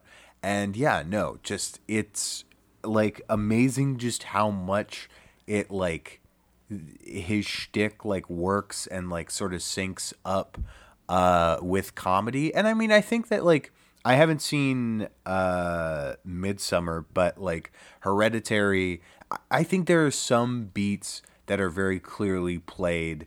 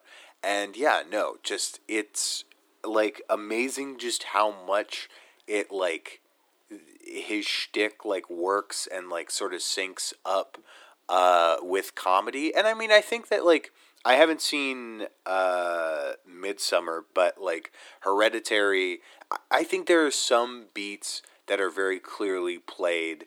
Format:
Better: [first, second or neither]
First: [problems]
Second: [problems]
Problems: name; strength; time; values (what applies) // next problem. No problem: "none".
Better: first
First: none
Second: thin; very; fading below 300 Hz